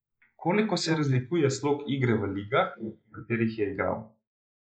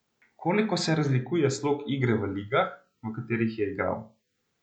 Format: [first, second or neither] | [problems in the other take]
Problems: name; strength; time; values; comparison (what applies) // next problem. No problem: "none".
second | noise reduction (neural mask model Resemble Enhance denoiser)